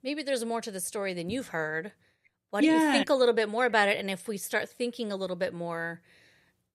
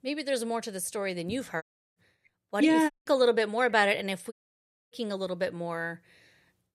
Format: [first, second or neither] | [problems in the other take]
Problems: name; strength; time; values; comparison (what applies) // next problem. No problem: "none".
first | audio cutting out; at 1.5 s, at 3 s and at 4.5 s for 0.5 s